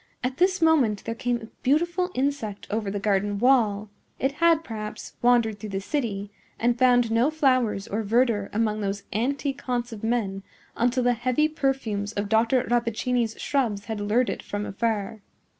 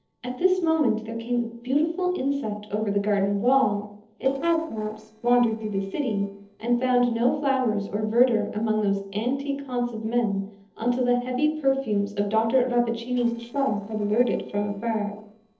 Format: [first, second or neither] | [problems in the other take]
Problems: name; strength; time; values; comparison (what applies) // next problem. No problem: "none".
first | noise reduction (neural separator model SepFormer DNS4)